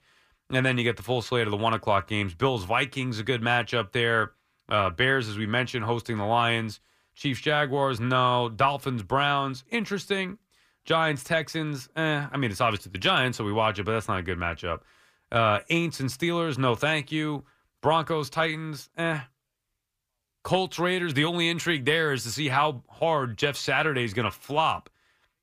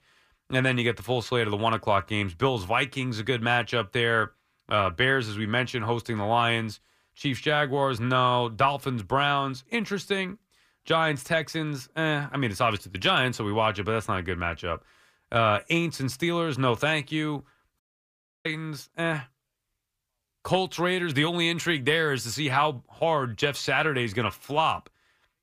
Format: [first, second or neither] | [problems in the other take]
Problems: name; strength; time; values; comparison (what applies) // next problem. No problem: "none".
first | audio cutting out; at 18 s for 0.5 s